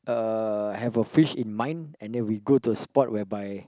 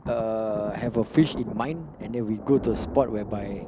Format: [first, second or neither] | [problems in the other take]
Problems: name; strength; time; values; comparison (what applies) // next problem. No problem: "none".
first | background sound (Thunder); 10 dB below the speech